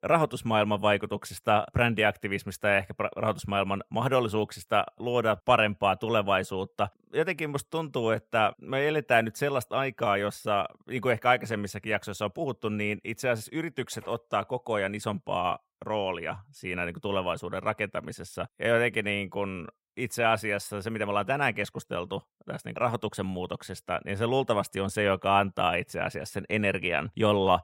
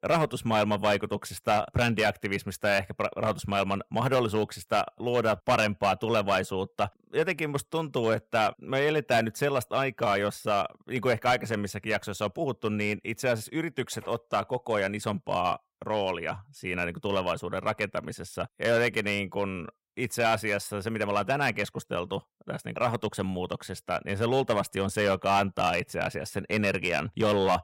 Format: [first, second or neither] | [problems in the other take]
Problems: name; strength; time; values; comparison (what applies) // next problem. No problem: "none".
first | distortion; slight; 3% of the sound clipped